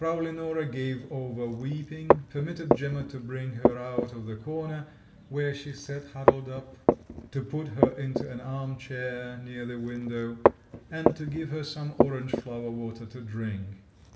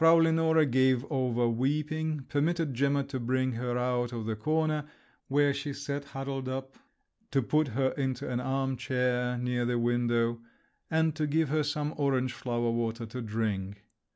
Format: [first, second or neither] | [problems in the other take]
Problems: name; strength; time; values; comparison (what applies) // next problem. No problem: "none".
second | background sound (Walk, footsteps); 3 dB above the speech // room echo; dies away in 1.3 s